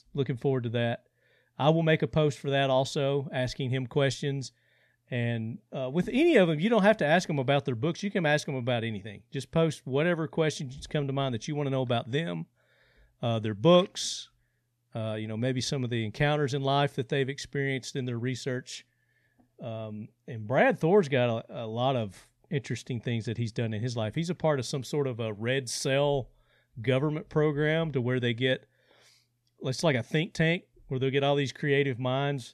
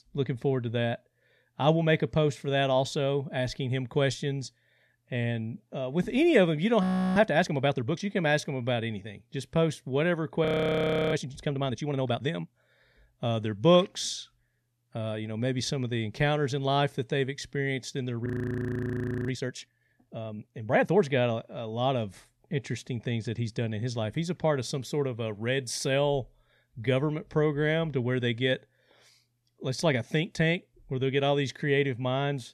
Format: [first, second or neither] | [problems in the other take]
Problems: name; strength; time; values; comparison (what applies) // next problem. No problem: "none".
first | audio freezing; at 7 s, at 10 s for 0.5 s and at 18 s for 1 s